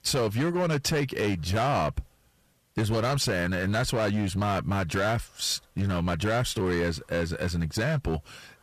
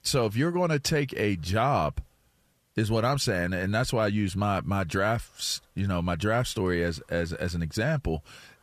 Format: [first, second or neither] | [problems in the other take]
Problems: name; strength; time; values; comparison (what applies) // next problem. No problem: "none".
second | distortion; slight; 14% of the sound clipped